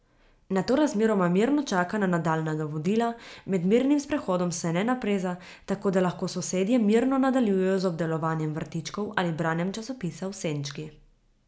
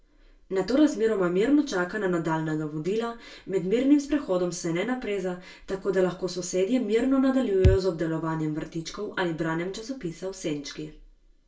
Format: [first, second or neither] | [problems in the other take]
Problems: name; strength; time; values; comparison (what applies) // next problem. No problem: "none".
first | background sound (Bass drum); 3 dB above the speech // room echo; dies away in 0.2 s